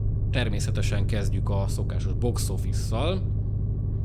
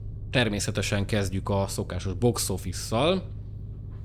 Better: second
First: low rumble; loud; throughout; 8 dB below the speech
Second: low rumble; faint; throughout; 25 dB below the speech

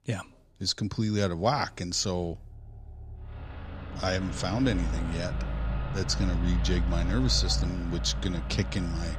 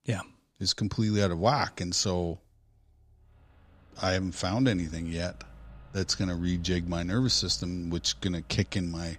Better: second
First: traffic noise; loud; throughout; 4 dB below the speech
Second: traffic noise; faint; throughout; 20 dB below the speech

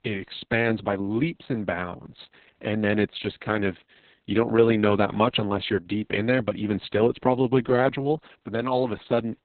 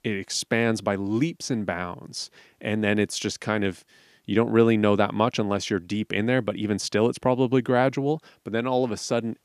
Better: second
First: garbled, watery; badly; nothing above 4 kHz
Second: none

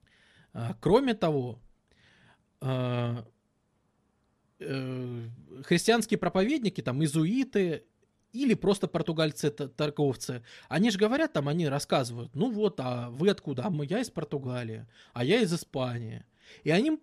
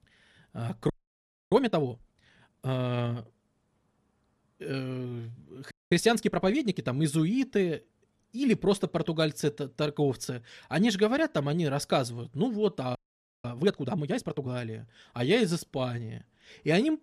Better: first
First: none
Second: audio freezing; at 1 s for 0.5 s, at 5.5 s and at 13 s

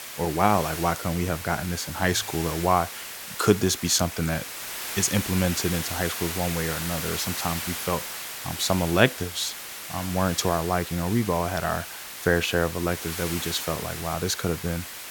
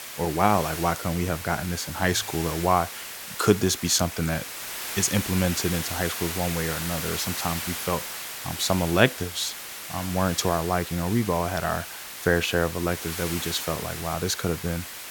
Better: neither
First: hiss; loud; throughout; 7 dB below the speech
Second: hiss; loud; throughout; 7 dB below the speech

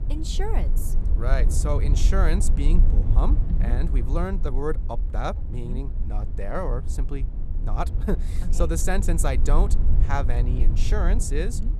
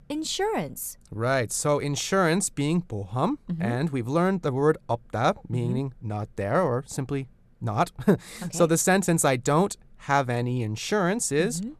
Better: second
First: low rumble; noticeable; throughout; 10 dB below the speech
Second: none

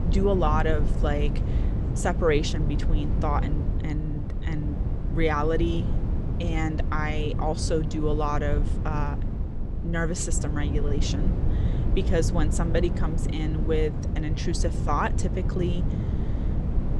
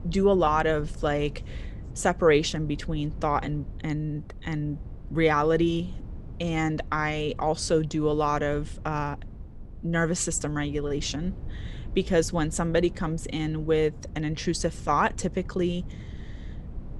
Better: second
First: low rumble; loud; throughout; 9 dB below the speech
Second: low rumble; faint; throughout; 25 dB below the speech

